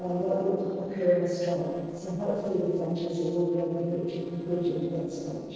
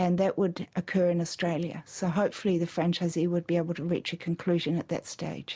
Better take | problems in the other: second | noise reduction (neural separator model SepFormer DNS4)

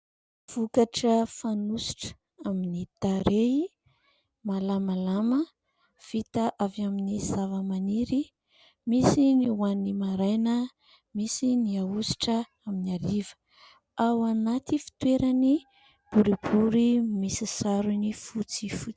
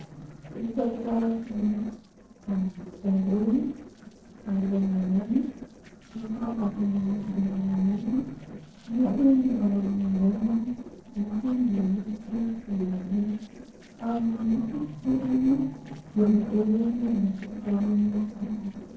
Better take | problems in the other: first | noise reduction (neural separator model SepFormer DNS4)

